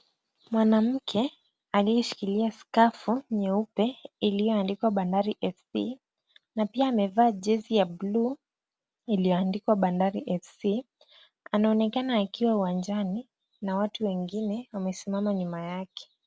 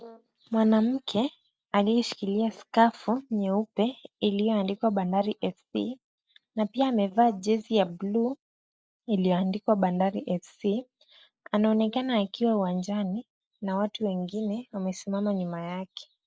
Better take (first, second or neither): first